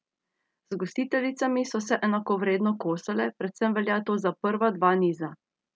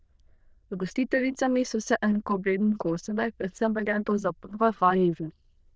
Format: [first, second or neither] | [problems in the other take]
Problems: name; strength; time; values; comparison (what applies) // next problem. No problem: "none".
first | noise reduction (neural diffusion model UNIVERSE++)